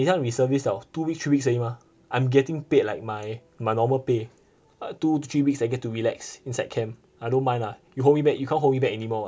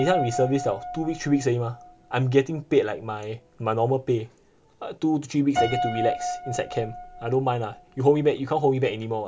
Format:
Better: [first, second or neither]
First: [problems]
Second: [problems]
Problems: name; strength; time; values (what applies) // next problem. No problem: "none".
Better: first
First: none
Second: background sound (Piano); 9 dB below the speech